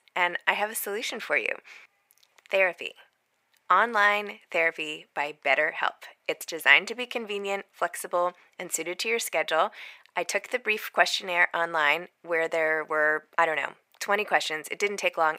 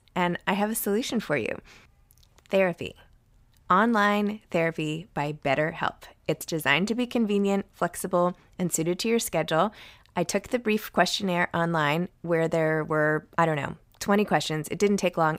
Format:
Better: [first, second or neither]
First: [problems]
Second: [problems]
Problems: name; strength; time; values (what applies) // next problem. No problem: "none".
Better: second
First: thin; very; fading below 600 Hz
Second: none